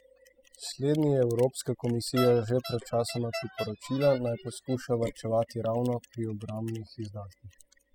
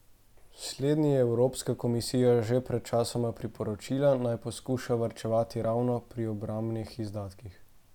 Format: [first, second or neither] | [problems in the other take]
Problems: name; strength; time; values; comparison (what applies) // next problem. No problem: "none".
second | noise reduction (classical method spectral subtraction)